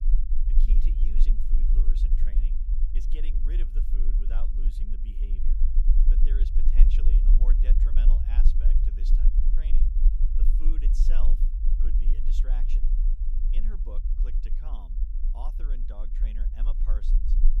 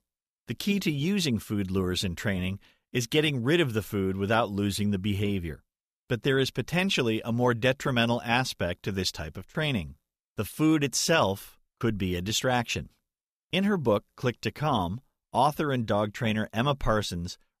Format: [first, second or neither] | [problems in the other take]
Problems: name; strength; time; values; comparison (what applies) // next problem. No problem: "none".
second | low rumble; loud; throughout; 1 dB below the speech